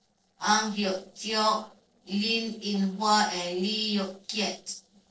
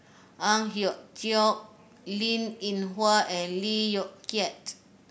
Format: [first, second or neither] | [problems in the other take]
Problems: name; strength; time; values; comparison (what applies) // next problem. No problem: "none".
second | noise reduction (neural separator model SepFormer DNS4)